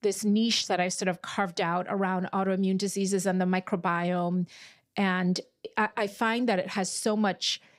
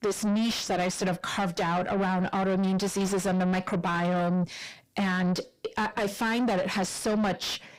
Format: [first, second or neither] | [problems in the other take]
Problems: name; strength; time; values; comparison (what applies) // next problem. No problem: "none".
first | distortion; heavy; 7 dB below the speech